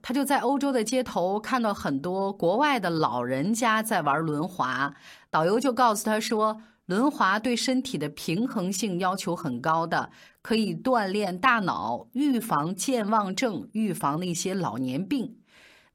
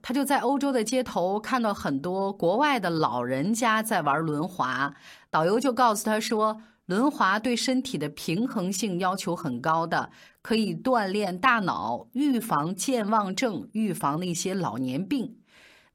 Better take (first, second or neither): neither